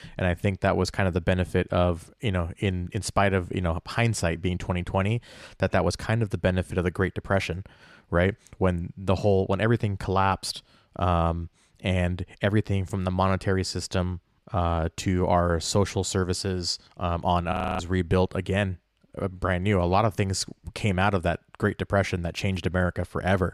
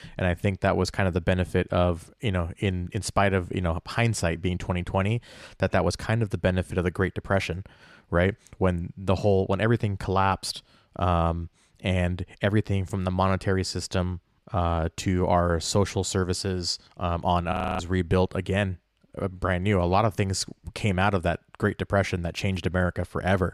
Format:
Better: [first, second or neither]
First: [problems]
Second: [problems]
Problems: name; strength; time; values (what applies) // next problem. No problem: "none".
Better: neither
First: audio freezing; at 18 s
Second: audio freezing; at 18 s